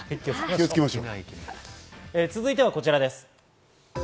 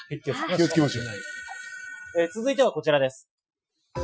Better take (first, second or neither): first